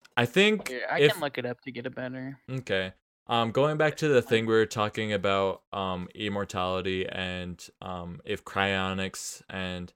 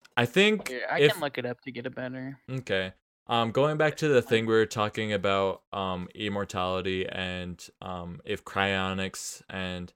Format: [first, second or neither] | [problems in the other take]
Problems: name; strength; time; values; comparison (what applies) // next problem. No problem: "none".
neither | none